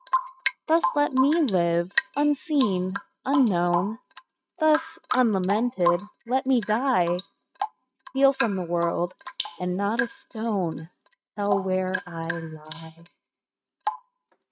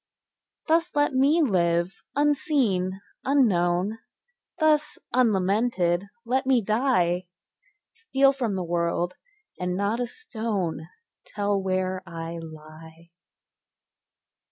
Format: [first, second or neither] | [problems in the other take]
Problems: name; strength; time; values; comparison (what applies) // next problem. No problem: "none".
second | noise reduction (neural mask model RNNoise)